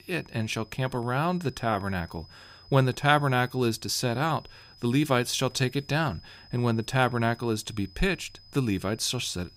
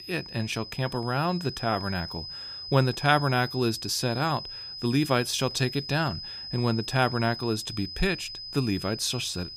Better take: first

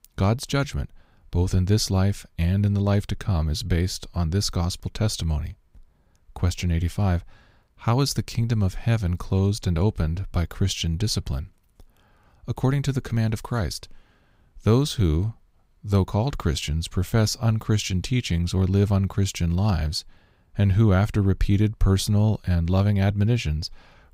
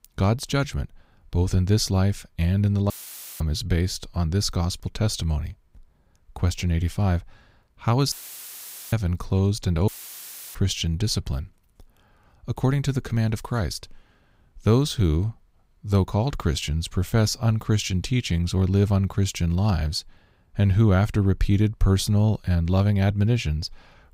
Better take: first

